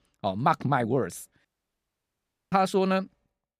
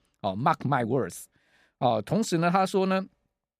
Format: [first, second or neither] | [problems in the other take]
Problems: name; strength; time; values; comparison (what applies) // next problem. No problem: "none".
second | audio cutting out; at 1.5 s for 1 s